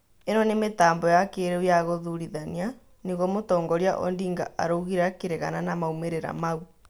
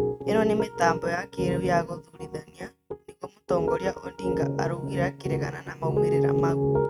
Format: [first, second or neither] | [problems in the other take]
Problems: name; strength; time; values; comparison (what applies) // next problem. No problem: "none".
first | noise reduction (neural mask model RNNoise)